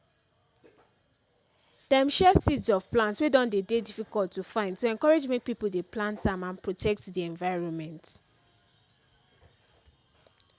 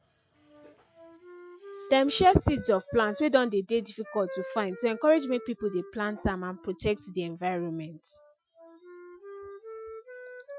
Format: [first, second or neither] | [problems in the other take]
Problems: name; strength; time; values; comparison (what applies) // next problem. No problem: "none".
first | noise reduction (classical method Wiener filter)